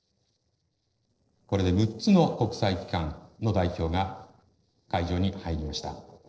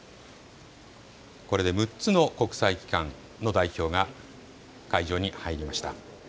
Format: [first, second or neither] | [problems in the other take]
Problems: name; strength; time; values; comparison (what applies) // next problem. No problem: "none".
second | noise reduction (neural separator model SepFormer DNS4)